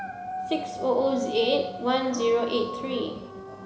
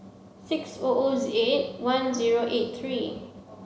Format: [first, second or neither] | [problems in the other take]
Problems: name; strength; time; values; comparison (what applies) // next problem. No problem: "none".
second | background sound (Dog); 10 dB below the speech